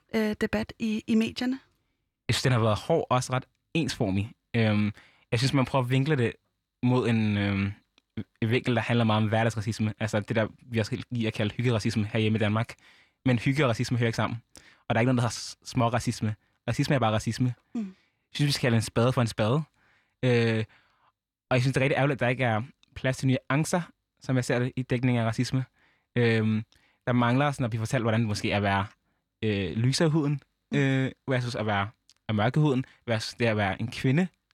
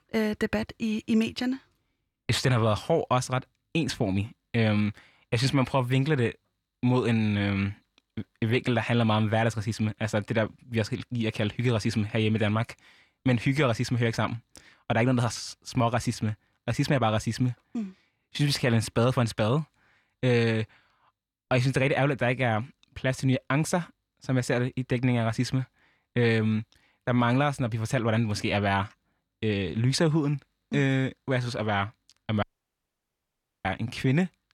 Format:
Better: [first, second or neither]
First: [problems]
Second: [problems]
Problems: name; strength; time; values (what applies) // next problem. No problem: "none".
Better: first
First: none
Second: audio cutting out; at 32 s for 1 s